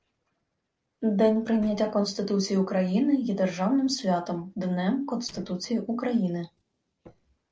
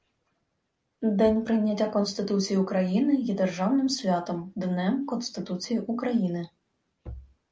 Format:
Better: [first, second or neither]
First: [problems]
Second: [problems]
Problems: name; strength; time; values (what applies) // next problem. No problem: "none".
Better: second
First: noise reduction (neural separator model SepFormer DNS4)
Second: none